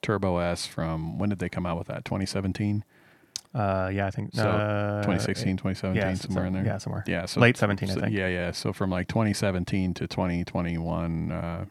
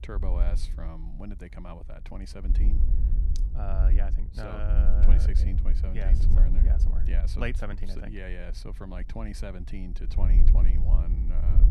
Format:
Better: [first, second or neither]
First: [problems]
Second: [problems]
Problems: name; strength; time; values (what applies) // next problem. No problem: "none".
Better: first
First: none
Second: wind noise on the microphone; heavy; 4 dB below the speech